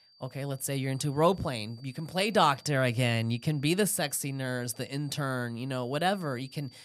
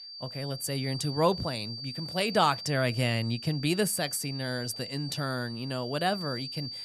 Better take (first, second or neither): first